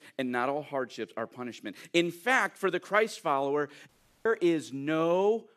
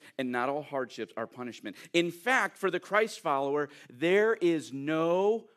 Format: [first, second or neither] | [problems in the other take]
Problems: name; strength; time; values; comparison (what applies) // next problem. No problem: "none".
second | audio cutting out; at 4 s